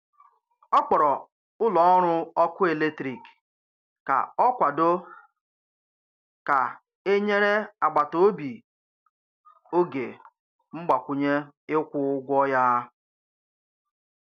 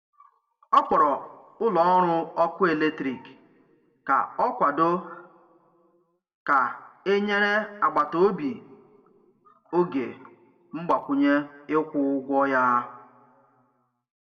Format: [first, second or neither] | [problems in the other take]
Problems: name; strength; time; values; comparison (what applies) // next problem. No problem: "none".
first | room echo; dies away in 1 s